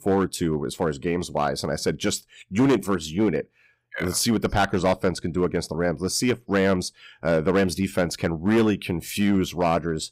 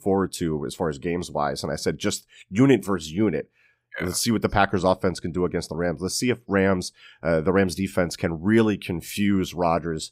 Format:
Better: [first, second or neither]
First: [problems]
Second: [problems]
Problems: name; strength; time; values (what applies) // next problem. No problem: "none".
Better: second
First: distortion; slight; 5% of the sound clipped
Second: none